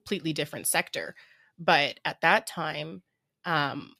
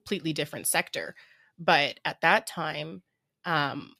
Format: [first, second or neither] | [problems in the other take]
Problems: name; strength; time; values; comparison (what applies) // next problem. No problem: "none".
neither | none